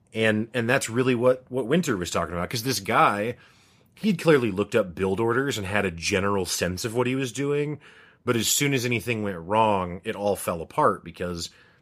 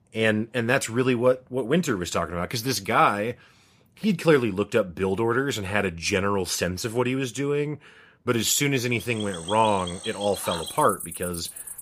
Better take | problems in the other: first | animal sounds; loud; from 9 s on; 10 dB below the speech

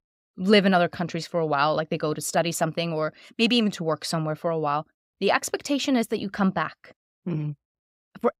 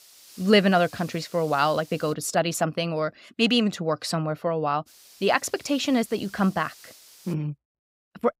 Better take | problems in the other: first | hiss; faint; until 2 s and from 5 to 7.5 s; 25 dB below the speech

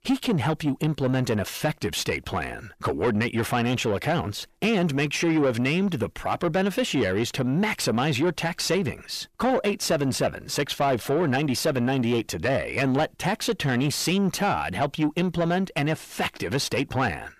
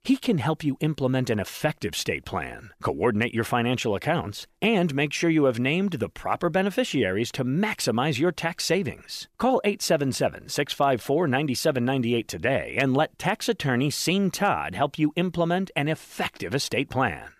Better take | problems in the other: second | distortion; slight; 10 dB below the speech

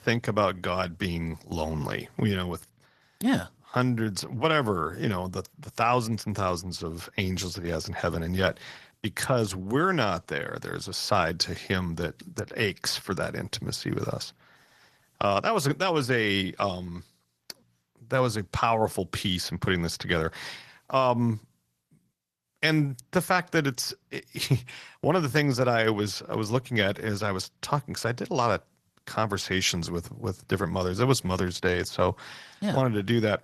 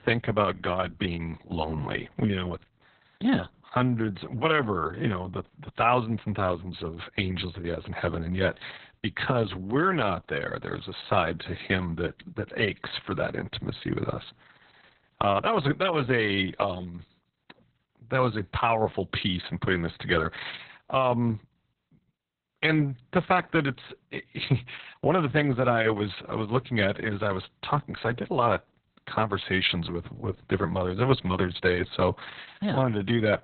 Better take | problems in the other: first | garbled, watery; badly; nothing above 4 kHz; slightly in the first

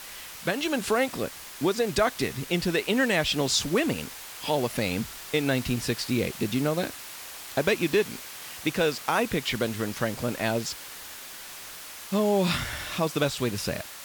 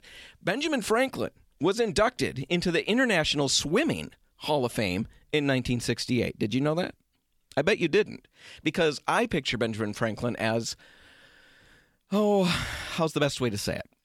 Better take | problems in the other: second | hiss; noticeable; throughout; 10 dB below the speech

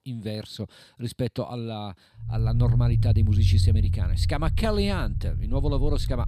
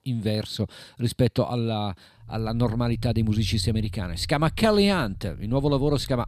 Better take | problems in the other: second | low rumble; loud; from 2.5 s on; 6 dB below the speech; faint in the second

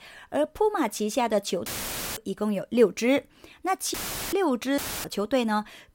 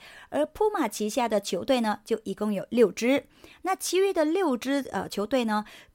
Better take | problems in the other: second | audio cutting out; filled with static; at 1.5 s for 0.5 s, at 4 s and at 5 s

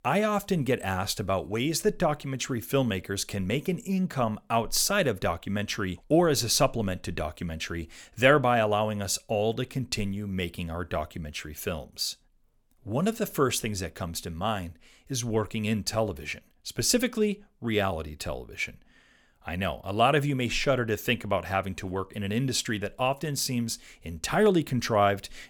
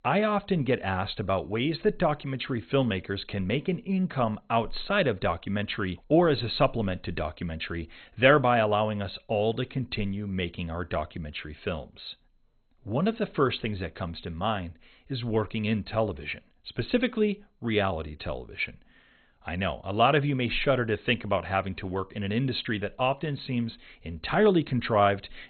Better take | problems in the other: first | garbled, watery; badly; nothing above 4 kHz

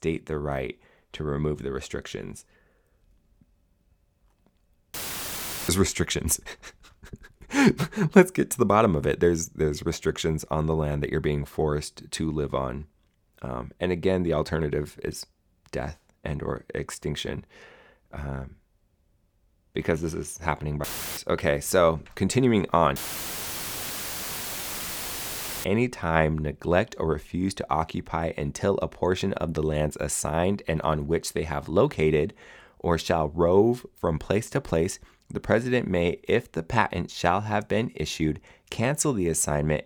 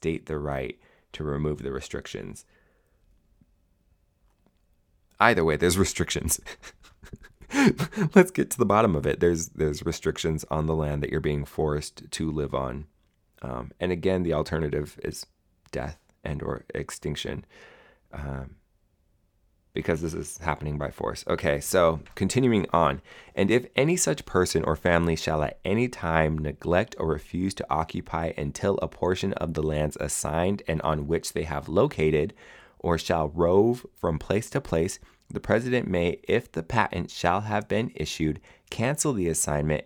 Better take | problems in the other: second | audio cutting out; filled with static; at 5 s for 1 s, at 21 s and at 23 s for 2.5 s

